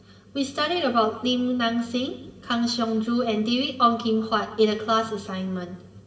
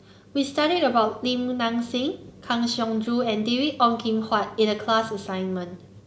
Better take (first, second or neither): second